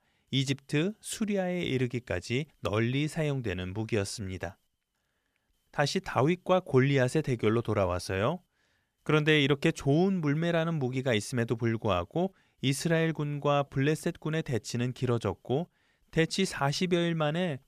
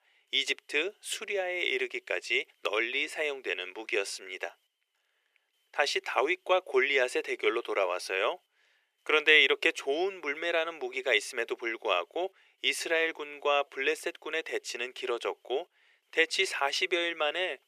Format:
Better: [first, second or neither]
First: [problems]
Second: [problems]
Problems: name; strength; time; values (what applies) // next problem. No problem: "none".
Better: first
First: none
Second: thin; very; fading below 400 Hz